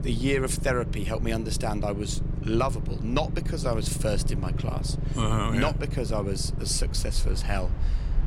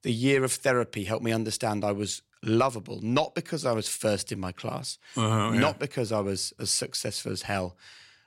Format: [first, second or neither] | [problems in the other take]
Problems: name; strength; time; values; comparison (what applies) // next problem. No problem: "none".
second | low rumble; noticeable; throughout; 10 dB below the speech